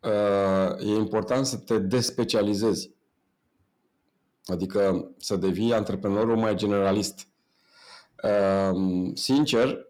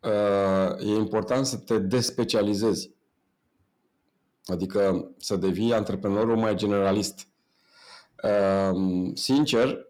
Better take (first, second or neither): neither